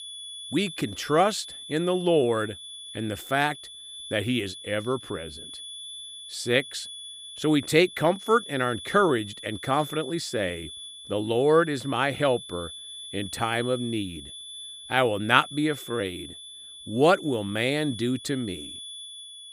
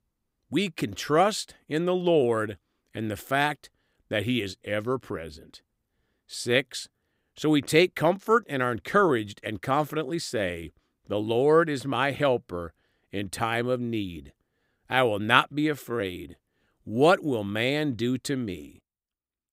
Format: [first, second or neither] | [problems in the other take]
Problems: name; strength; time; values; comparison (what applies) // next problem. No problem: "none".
second | high-pitched whine; noticeable; throughout; 3.5 kHz, 15 dB below the speech